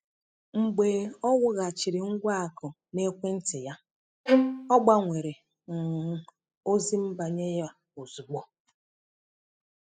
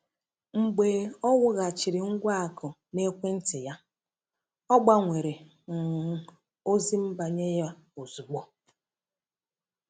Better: second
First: noise reduction (classical method spectral subtraction)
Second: none

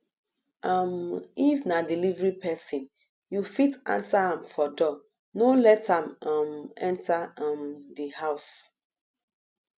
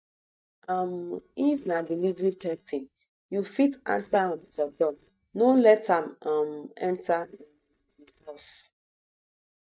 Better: first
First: none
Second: noise reduction (neural mask model DeepFilterNet 3)

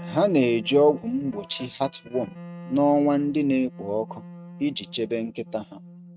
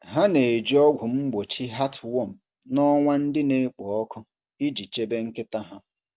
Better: second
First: noise reduction (neural mask model RNNoise)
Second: none

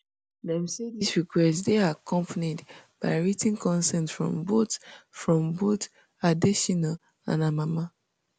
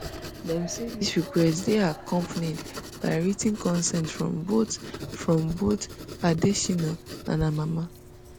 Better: first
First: none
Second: background sound (Writing); 12 dB below the speech

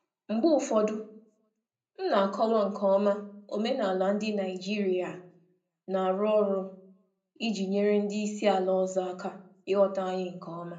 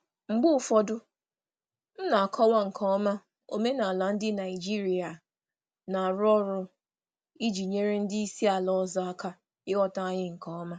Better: second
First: room echo; dies away in 0.5 s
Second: none

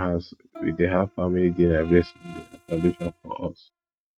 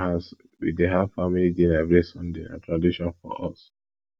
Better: second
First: noise reduction (neural mask model RNNoise)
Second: none

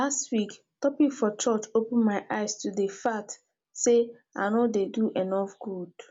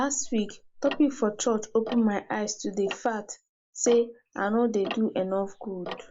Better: first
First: none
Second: noise reduction (neural mask model Resemble Enhance denoiser)

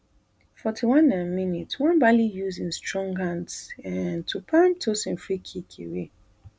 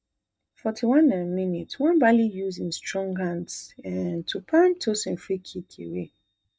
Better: first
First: none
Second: noise reduction (neural mask model DeepFilterNet 3)

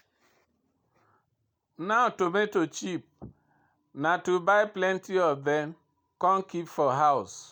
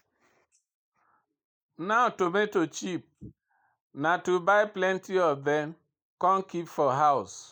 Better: first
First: none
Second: noise reduction (neural mask model Resemble Enhance denoiser)

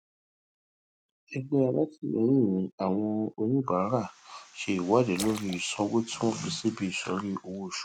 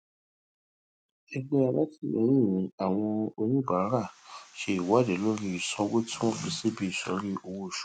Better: second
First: background sound (Splash, splatter); 16 dB below the speech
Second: none

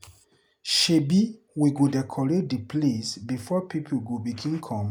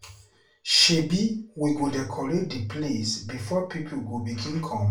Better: first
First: none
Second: room echo; dies away in 0.3 s

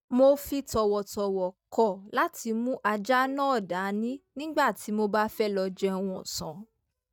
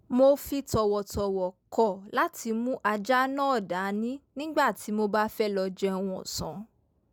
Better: second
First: noise reduction (neural mask model DeepFilterNet 3)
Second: none

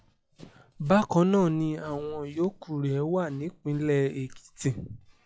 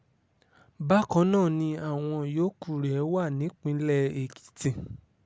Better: second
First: noise reduction (classical method log-MMSE)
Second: none

